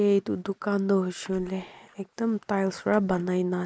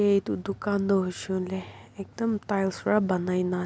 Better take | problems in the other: second | noise reduction (neural mask model Resemble Enhance denoiser)

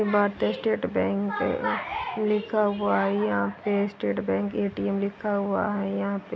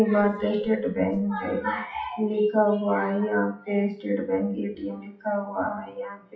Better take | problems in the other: first | noise reduction (classical method WPE with log-MMSE)

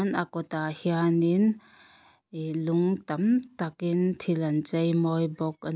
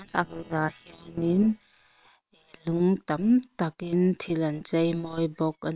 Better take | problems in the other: first | noise reduction (neural separator model SepFormer WHAM!)

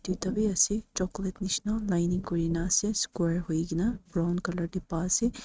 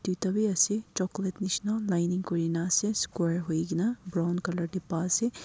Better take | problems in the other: second | noise reduction (neural mask model RNNoise)

